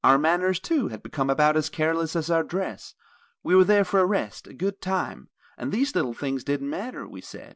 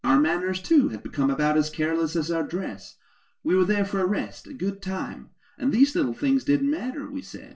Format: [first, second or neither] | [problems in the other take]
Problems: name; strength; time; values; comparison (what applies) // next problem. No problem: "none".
first | room echo; dies away in 0.2 s